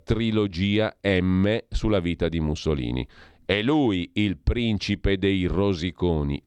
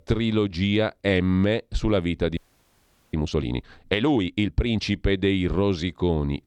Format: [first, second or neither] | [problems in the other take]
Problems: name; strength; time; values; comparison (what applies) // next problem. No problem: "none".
first | audio freezing; at 2.5 s for 1 s